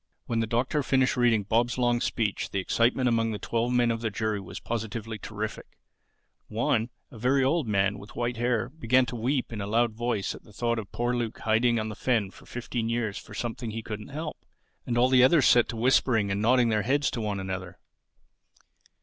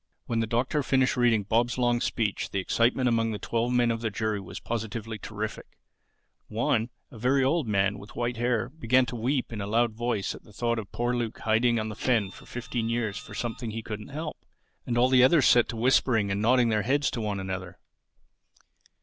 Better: first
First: none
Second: background sound (Printer); 16 dB below the speech

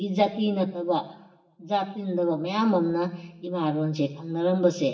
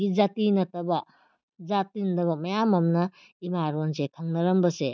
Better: second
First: room echo; dies away in 0.7 s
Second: none

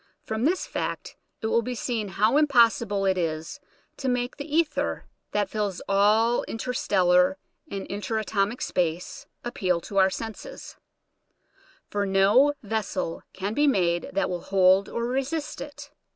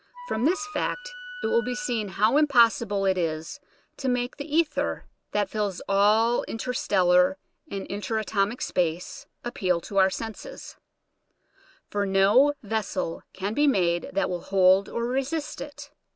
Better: first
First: none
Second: background sound (Wind instrument, woodwind instrument); 14 dB below the speech

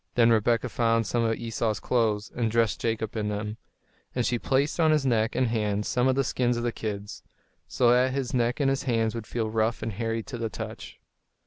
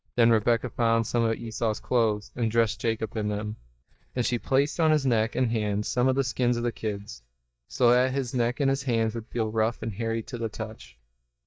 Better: first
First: none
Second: noise reduction (neural mask model DeepFilterNet 3)

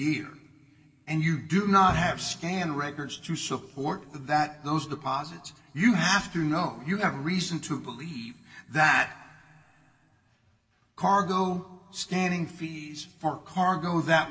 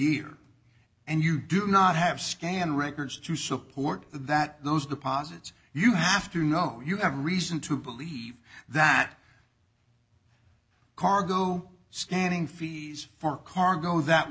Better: second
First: background sound (Bowed string instrument); 11 dB below the speech // room echo; dies away in 1.7 s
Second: none

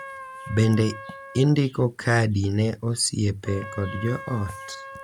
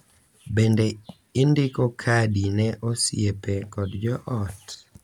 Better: second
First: background sound (Trumpet); 16 dB below the speech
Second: none

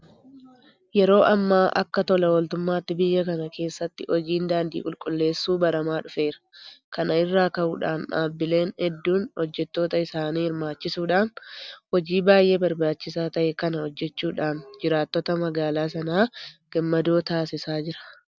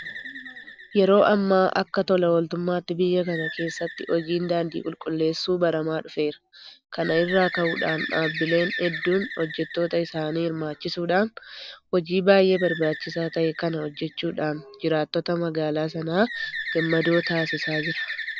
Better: first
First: none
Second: background sound (Bird); 11 dB below the speech

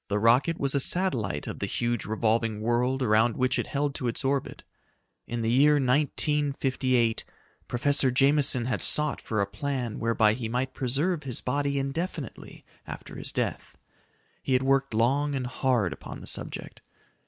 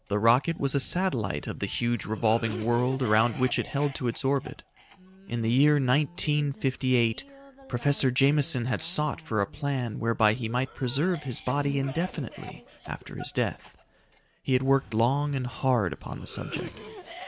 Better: first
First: none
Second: background sound (Cough); 18 dB below the speech

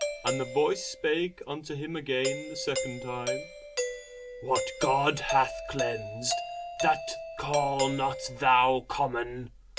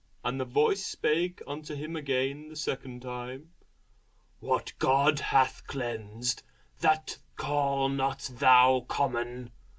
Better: second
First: background sound (Doorbell); 6 dB below the speech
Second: none

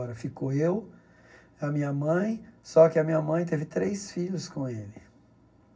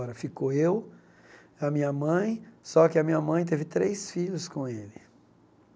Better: second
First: room echo; dies away in 0.4 s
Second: none

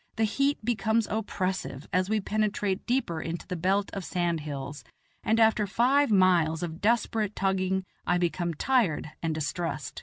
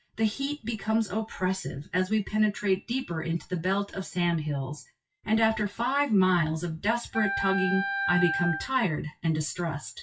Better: first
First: none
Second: noise reduction (classical method WPE with log-MMSE)

